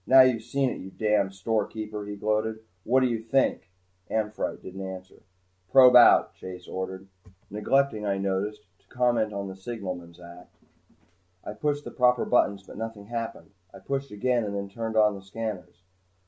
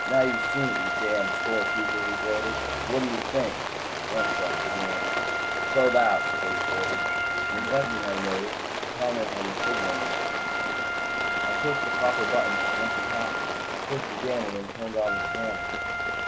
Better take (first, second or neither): first